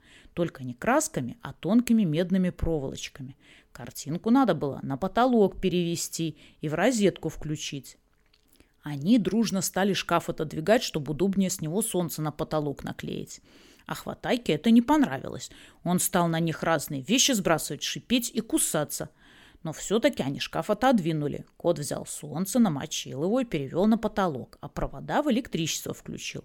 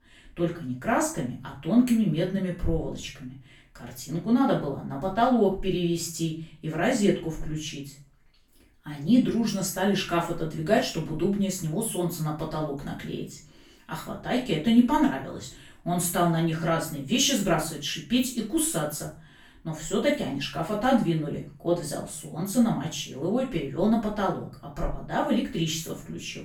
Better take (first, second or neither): first